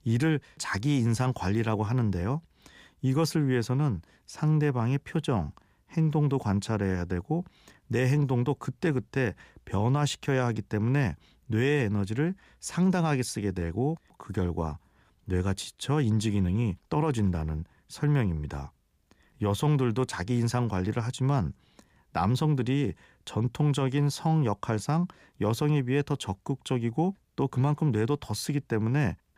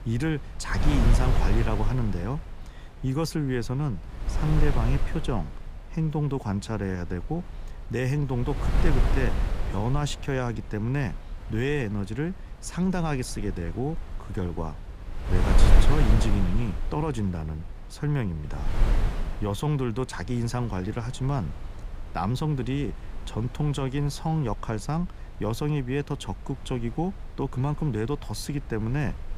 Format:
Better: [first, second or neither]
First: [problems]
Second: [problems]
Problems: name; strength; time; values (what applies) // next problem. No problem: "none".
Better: first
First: none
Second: wind noise on the microphone; heavy; 6 dB below the speech